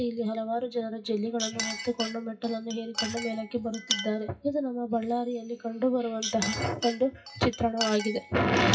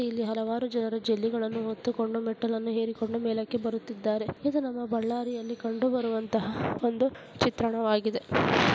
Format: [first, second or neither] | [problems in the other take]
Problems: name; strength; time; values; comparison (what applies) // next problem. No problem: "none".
second | noise reduction (classical method WPE with log-MMSE)